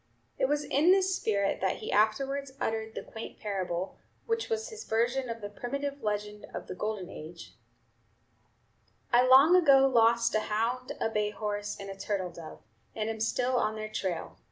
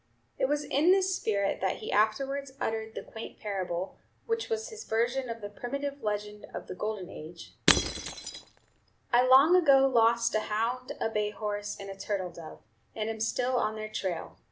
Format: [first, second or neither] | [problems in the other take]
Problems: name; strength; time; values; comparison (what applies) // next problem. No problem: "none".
first | background sound (Shatter / Crushing); 2 dB below the speech